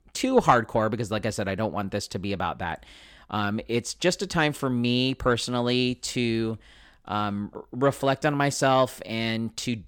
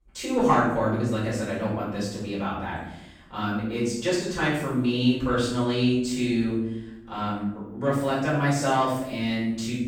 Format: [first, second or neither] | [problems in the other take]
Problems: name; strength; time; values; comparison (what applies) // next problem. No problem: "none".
first | off-mic speech; far // room echo; noticeable; dies away in 0.8 s